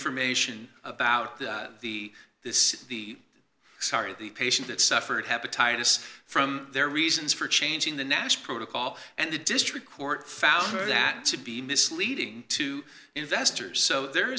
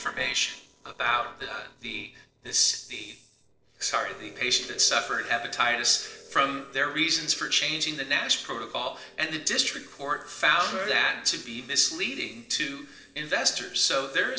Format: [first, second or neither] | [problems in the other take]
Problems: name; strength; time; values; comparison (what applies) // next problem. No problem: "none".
first | noise reduction (neural separator model SepFormer DNS4)